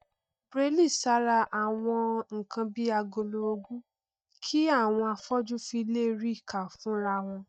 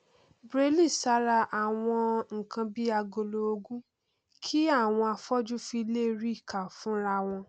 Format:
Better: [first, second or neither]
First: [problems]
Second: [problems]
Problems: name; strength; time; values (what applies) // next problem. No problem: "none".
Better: second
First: noise reduction (neural mask model DeepFilterNet 3)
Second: none